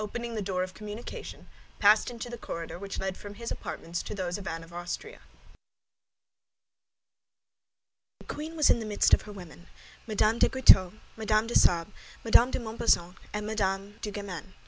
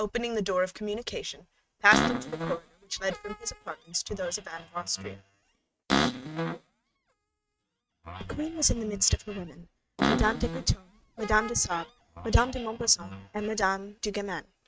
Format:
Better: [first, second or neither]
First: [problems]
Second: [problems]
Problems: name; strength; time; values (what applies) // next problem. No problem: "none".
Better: first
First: none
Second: noise reduction (neural mask model RNNoise)